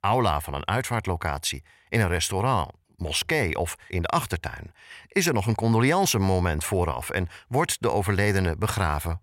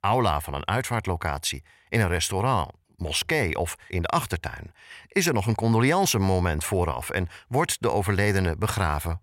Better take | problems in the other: neither | none

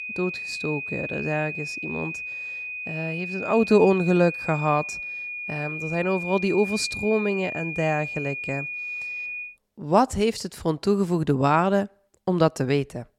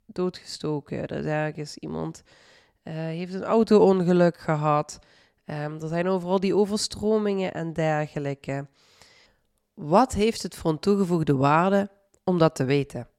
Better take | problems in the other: second | high-pitched whine; loud; until 9.5 s; 2.5 kHz, 6 dB below the speech

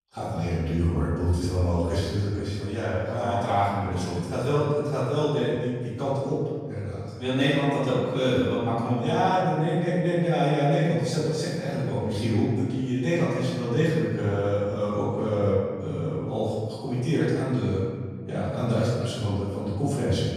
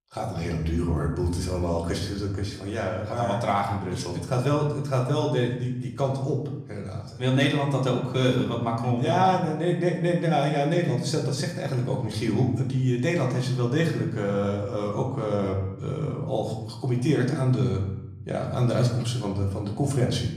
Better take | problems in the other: second | room echo; strong; dies away in 1.6 s; slight in the second // off-mic speech; far; far in the second

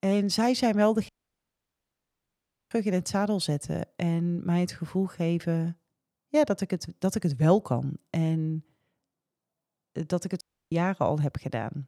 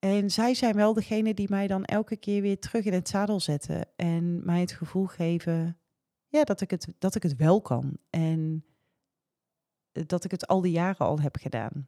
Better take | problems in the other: second | audio cutting out; at 1 s for 1.5 s and at 10 s

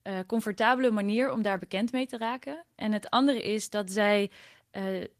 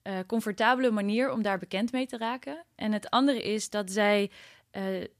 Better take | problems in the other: second | garbled, watery; slightly; nothing above 14.5 kHz

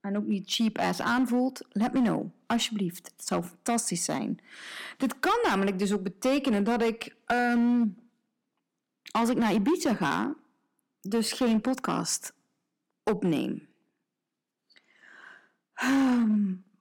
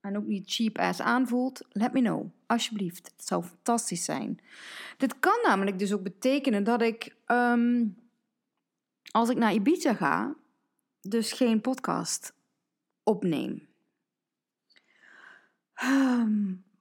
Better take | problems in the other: second | distortion; slight; 7% of the sound clipped

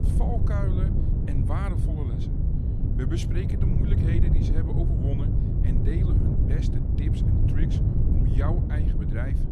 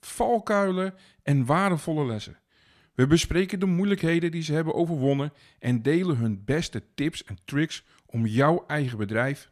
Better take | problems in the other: second | wind noise on the microphone; heavy; 2 dB above the speech

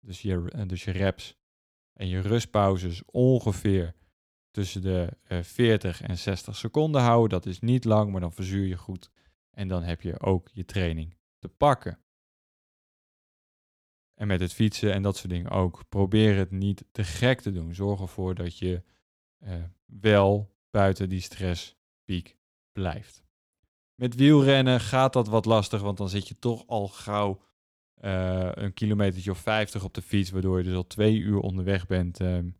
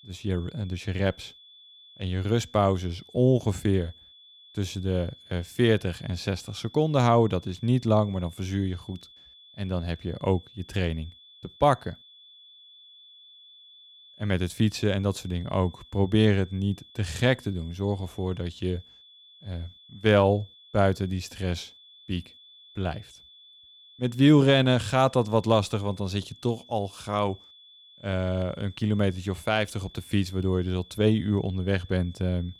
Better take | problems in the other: first | high-pitched whine; faint; throughout; 3.5 kHz, 25 dB below the speech

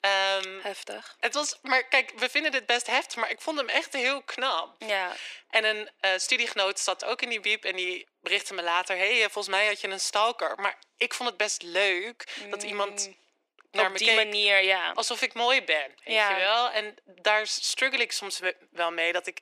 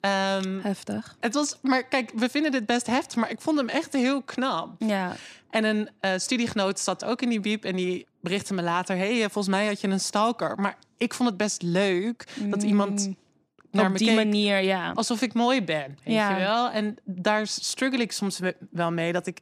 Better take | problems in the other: second | thin; very; fading below 400 Hz

